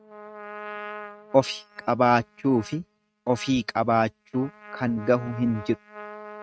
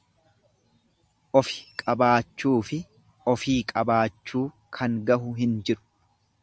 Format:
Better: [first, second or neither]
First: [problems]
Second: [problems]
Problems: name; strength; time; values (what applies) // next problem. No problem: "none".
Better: second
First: noise reduction (neural mask model RNNoise)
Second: none